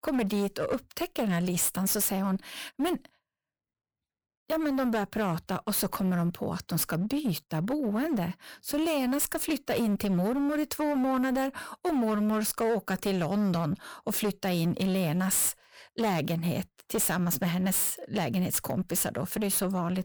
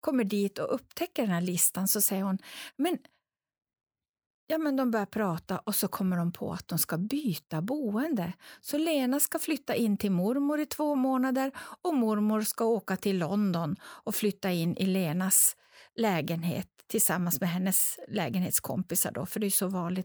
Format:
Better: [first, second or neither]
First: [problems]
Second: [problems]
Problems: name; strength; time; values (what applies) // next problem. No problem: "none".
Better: second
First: distortion; slight; 18% of the sound clipped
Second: none